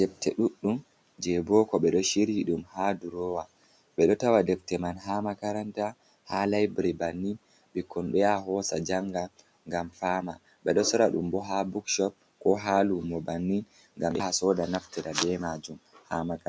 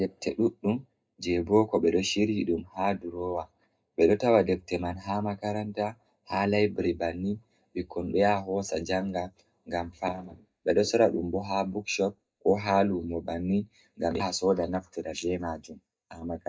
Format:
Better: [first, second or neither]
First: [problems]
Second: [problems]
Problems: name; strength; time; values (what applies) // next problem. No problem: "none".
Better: first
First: none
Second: noise reduction (neural mask model DeepFilterNet 3)